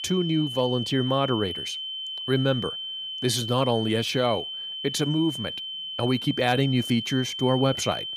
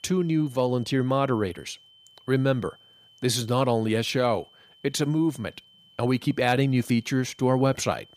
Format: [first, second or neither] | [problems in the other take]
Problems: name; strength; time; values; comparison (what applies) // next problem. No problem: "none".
second | high-pitched whine; loud; throughout; 3 kHz, 6 dB below the speech; faint in the second